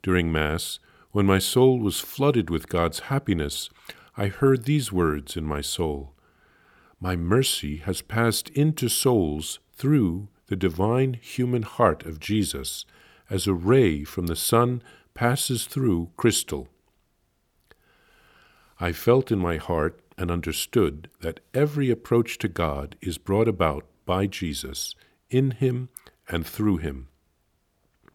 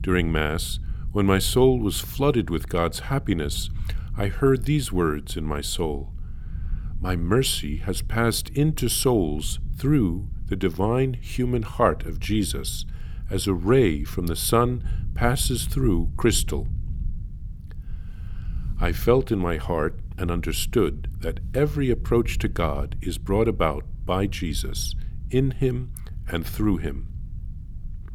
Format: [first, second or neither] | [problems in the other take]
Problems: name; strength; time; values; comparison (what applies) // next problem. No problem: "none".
first | low rumble; faint; throughout; 25 dB below the speech